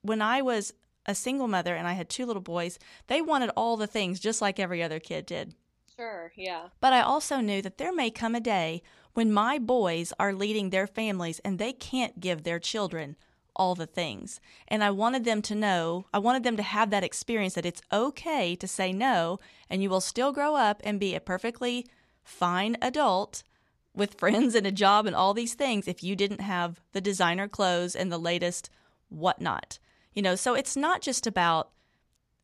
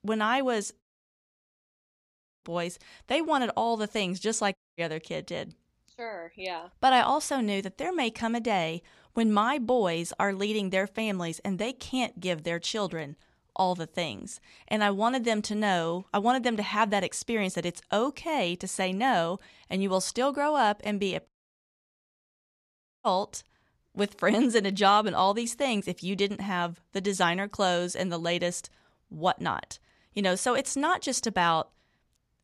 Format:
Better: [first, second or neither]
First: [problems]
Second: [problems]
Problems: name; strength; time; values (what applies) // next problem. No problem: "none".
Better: first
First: none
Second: audio cutting out; at 1 s for 1.5 s, at 4.5 s and at 21 s for 2 s